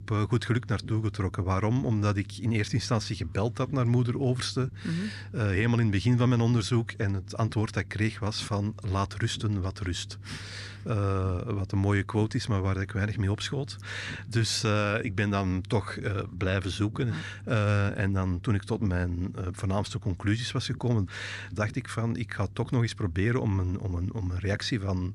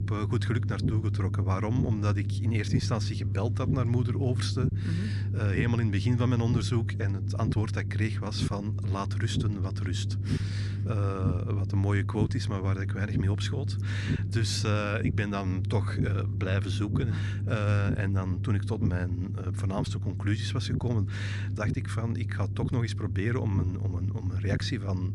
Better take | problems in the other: first | low rumble; loud; throughout; 7 dB below the speech; faint in the first

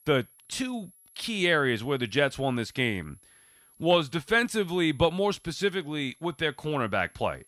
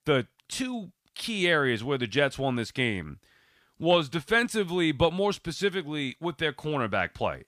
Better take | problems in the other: second | high-pitched whine; faint; throughout; 11 kHz, 30 dB below the speech

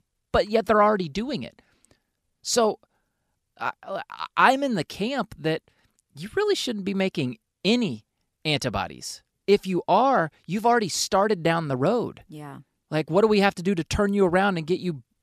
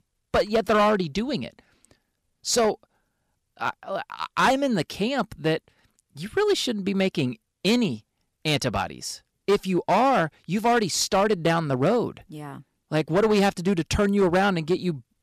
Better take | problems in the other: first | distortion; slight; 5% of the sound clipped

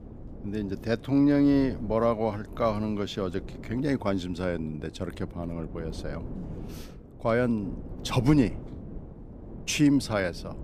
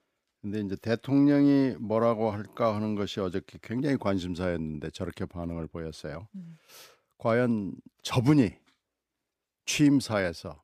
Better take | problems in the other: second | wind noise on the microphone; occasional gusts; 20 dB below the speech

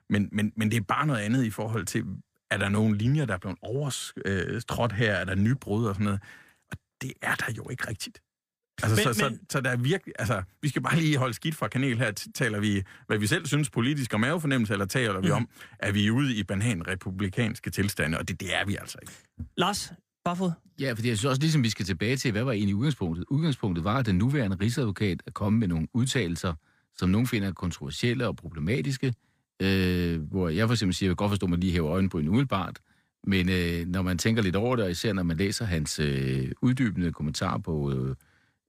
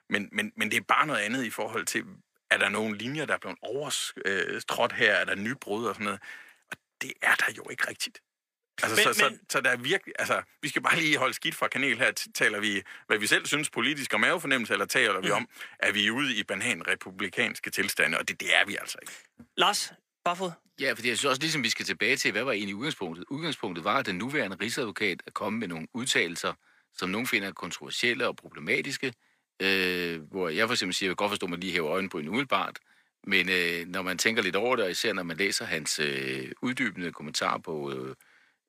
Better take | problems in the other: first | thin; somewhat; fading below 400 Hz

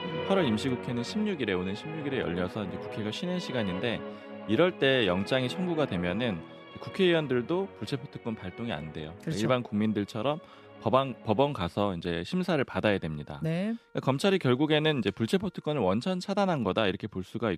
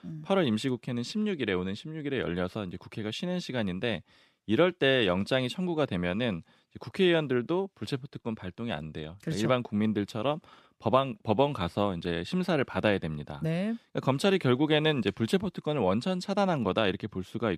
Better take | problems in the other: second | background music; noticeable; throughout; 10 dB below the speech

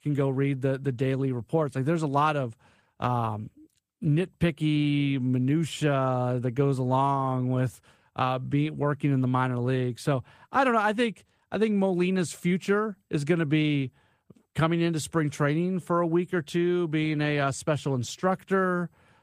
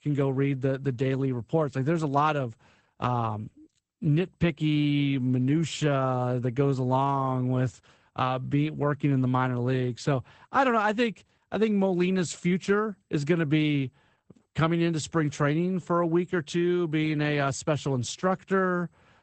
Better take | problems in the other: first | garbled, watery; badly; nothing above 8 kHz; slightly in the first

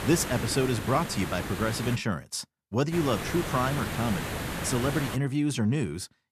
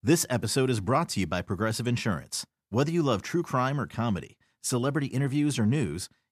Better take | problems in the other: second | hiss; loud; until 2 s and from 3 to 5 s; 5 dB below the speech

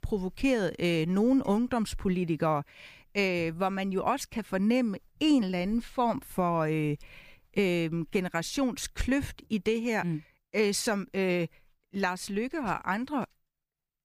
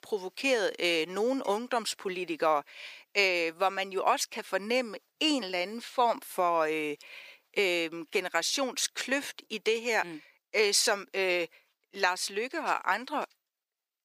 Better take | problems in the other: first | thin; somewhat; fading below 400 Hz

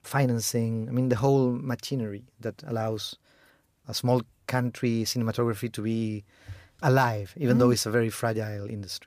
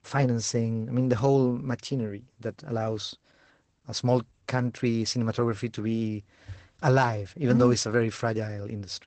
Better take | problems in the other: first | garbled, watery; badly; nothing above 8 kHz

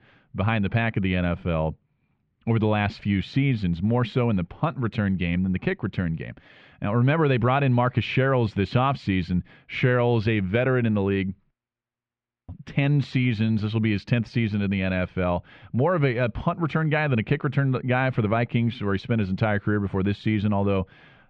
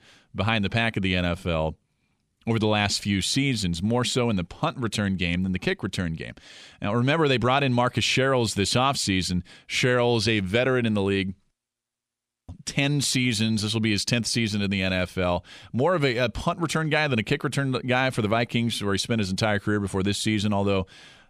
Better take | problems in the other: second | muffled; very; fading above 2.5 kHz

